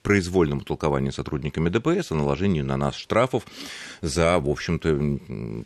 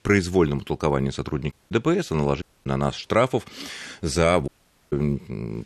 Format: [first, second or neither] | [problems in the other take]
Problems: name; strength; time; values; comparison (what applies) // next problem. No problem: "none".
first | audio cutting out; at 1.5 s, at 2.5 s and at 4.5 s